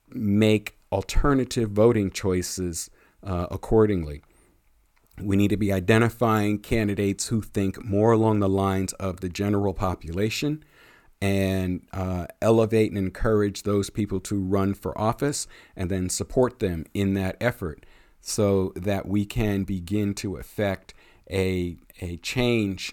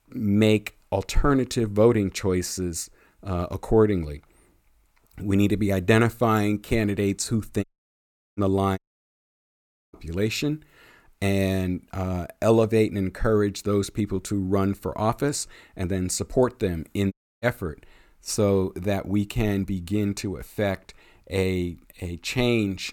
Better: first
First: none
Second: audio cutting out; at 7.5 s for 0.5 s, at 9 s for 1 s and at 17 s

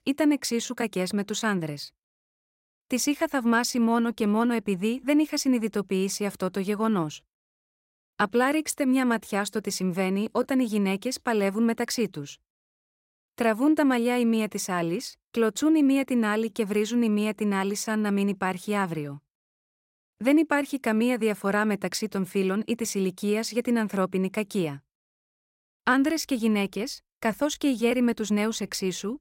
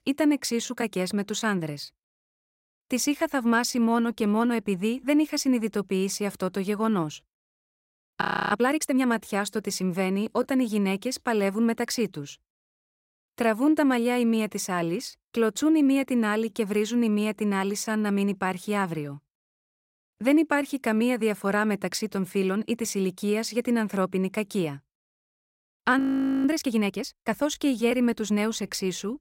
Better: first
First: none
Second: audio freezing; at 8 s and at 26 s

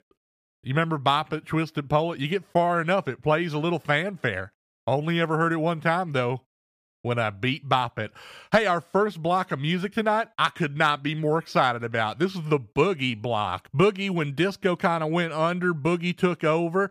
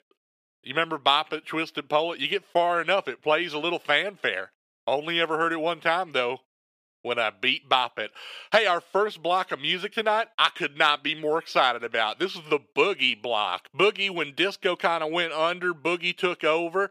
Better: first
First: none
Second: thin; somewhat; fading below 400 Hz

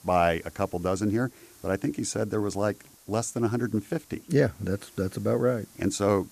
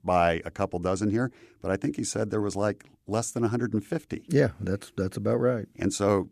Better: second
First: hiss; faint; throughout; 25 dB below the speech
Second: none

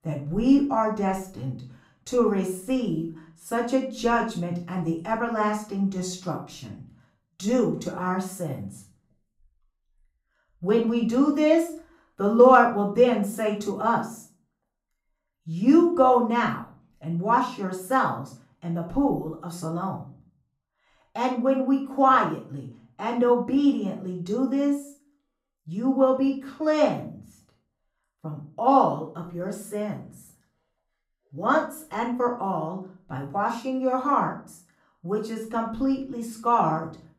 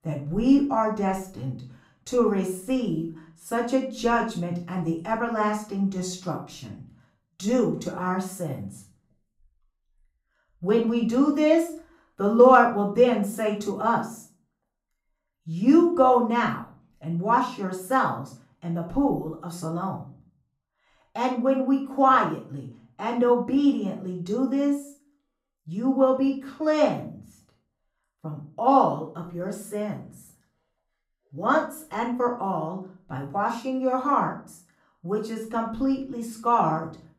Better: neither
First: room echo; slight; dies away in 0.3 s // off-mic speech; far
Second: room echo; slight; dies away in 0.3 s // off-mic speech; far

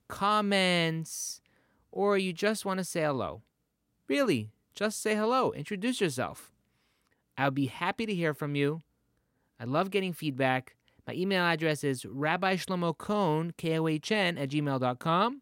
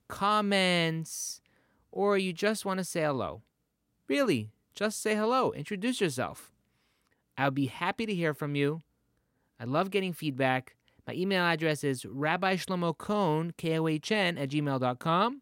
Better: neither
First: none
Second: none

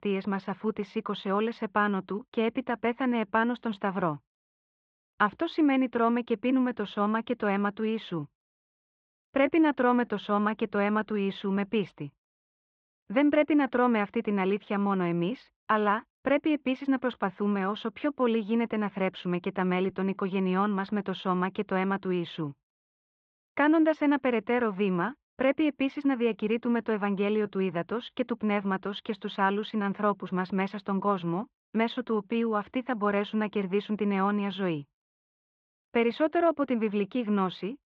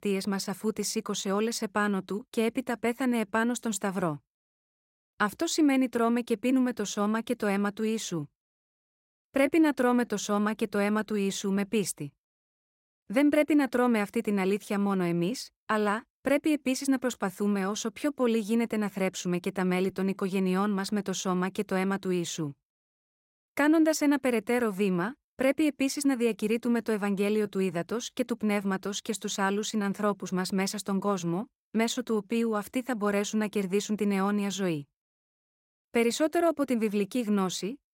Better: second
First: muffled; very; fading above 3.5 kHz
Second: none

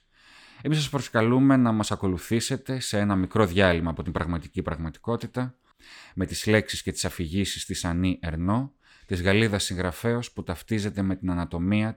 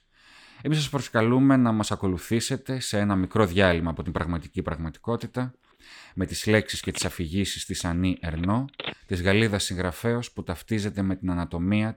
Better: first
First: none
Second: phone ringing; noticeable; from 6.5 to 9 s; peak 9 dB below the speech

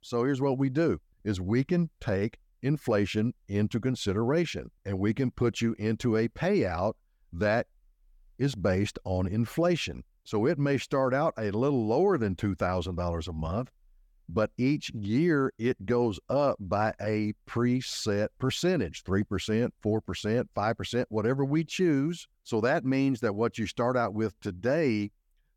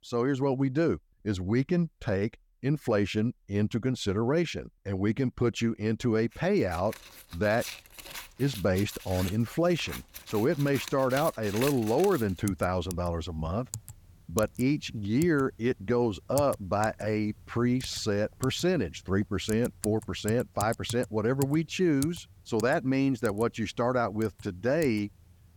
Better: first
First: none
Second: household noises; noticeable; from 7 s on; 15 dB below the speech

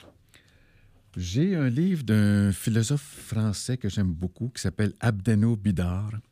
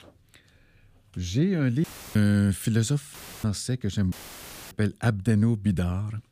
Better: first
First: none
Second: audio cutting out; filled with static; at 2 s, at 3 s and at 4 s for 0.5 s

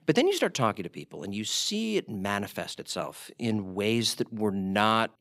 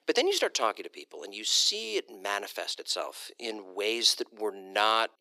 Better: first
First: none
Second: thin; very; fading below 350 Hz

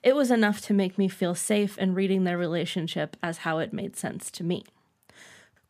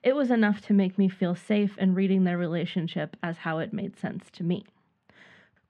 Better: first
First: none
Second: muffled; slightly; fading above 2.5 kHz

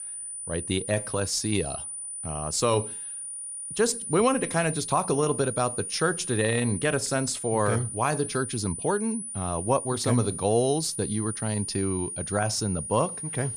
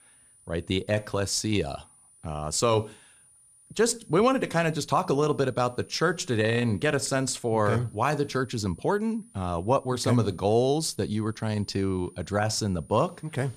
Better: second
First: high-pitched whine; loud; throughout; 9.5 kHz, 6 dB below the speech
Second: high-pitched whine; faint; throughout; 9.5 kHz, 30 dB below the speech

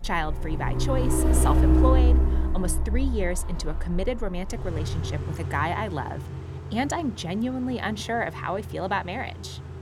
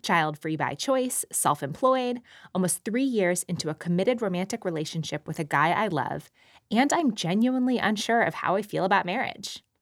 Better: second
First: traffic noise; very loud; throughout; 3 dB above the speech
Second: none

